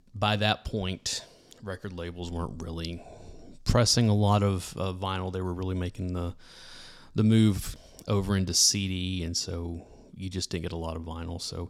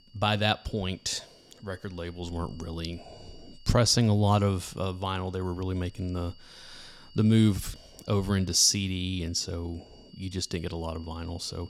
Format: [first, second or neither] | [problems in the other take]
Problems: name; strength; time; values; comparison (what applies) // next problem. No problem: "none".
first | high-pitched whine; faint; throughout; 4.5 kHz, 25 dB below the speech